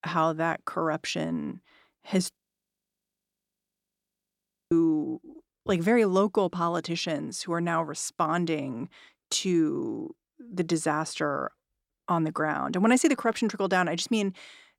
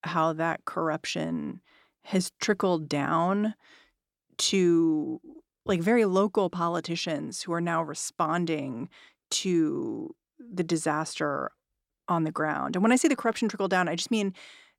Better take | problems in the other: second | audio freezing; at 2.5 s for 2.5 s

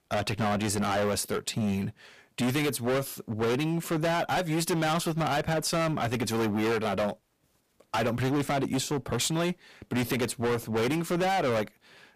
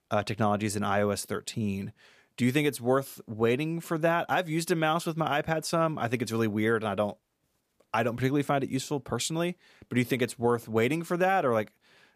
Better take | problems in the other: second | distortion; heavy; 23% of the sound clipped

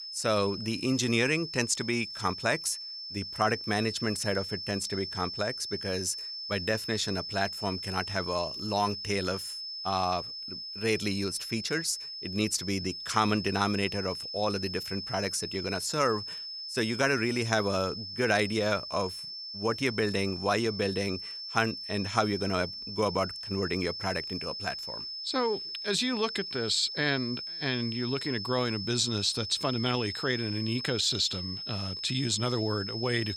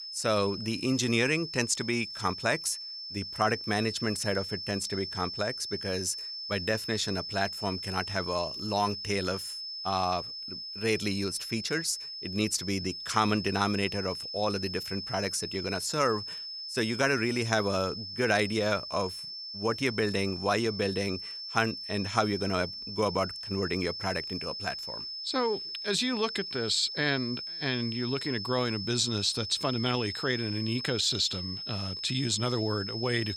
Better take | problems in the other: neither | high-pitched whine; loud; throughout; 5 kHz, 6 dB below the speech; the same in both

